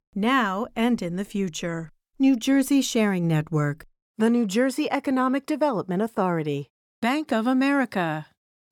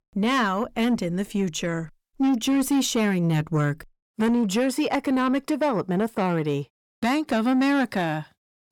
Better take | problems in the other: first | distortion; slight; 10 dB below the speech

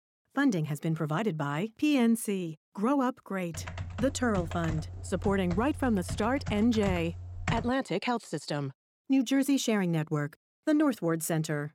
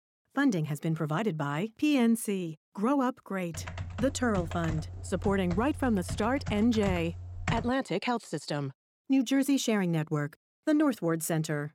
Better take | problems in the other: neither | keyboard typing; noticeable; from 3.5 to 7.5 s; peak 5 dB below the speech; the same in both

